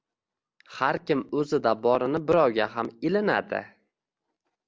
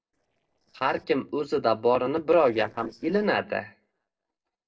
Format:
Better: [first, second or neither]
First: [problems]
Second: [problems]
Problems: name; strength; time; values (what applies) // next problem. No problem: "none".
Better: first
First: none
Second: noise reduction (neural separator model SepFormer DNS4)